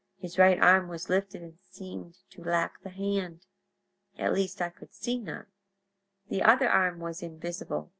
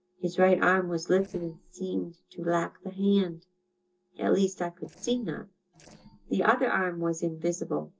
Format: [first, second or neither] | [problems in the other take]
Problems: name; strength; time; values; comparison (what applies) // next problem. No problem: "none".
first | noise reduction (neural separator model SepFormer DNS4)